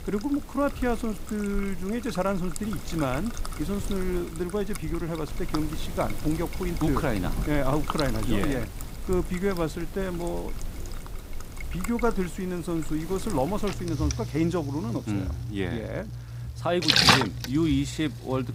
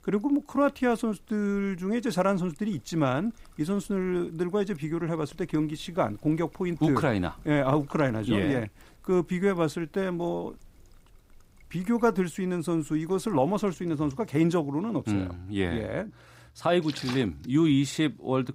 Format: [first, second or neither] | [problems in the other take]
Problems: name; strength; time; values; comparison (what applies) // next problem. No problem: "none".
second | rain or running water; loud; throughout; 2 dB below the speech; faint in the second